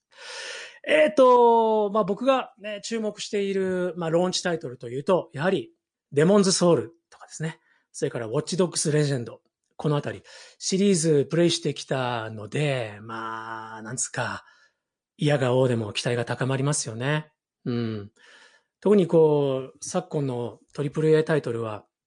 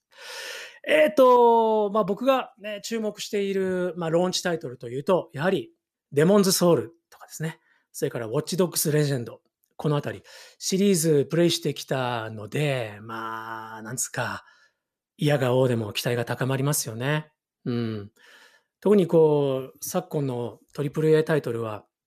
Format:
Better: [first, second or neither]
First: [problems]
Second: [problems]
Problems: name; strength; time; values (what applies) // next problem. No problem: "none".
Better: second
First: garbled, watery; slightly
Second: none